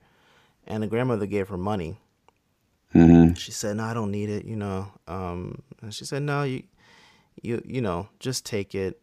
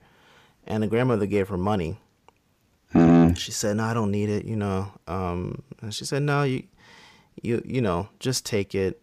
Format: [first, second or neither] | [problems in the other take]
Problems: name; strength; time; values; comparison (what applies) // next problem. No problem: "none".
first | distortion; heavy; 8 dB below the speech